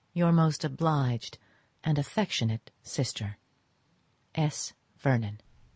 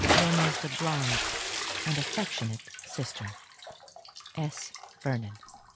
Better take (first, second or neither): first